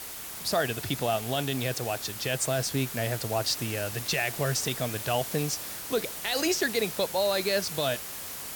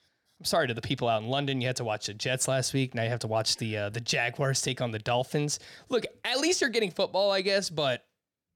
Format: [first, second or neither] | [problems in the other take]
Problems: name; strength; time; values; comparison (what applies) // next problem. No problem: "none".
second | hiss; loud; throughout; 6 dB below the speech